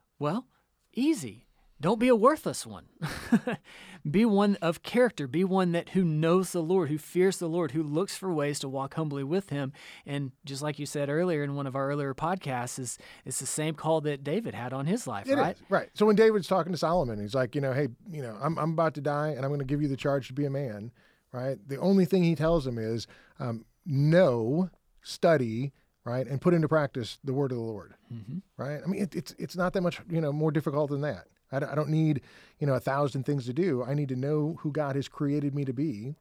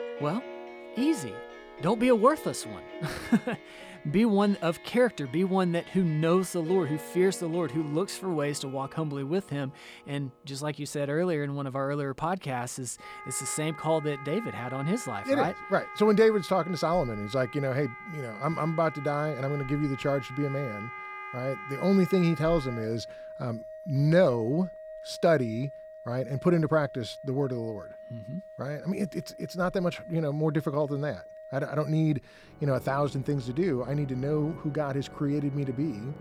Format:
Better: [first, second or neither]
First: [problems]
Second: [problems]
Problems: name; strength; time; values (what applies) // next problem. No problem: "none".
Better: first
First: none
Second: background music; noticeable; throughout; 15 dB below the speech